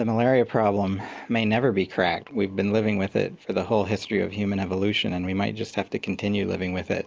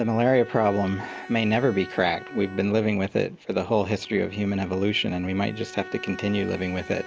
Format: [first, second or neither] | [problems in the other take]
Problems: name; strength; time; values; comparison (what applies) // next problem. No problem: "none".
first | background sound (Bowed string instrument); 18 dB below the speech